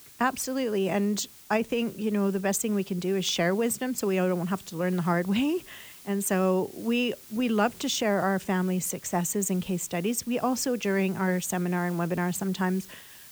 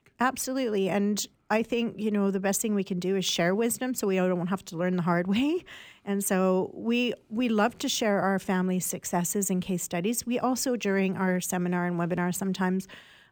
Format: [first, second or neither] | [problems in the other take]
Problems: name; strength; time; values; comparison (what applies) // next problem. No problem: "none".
second | hiss; noticeable; throughout; 20 dB below the speech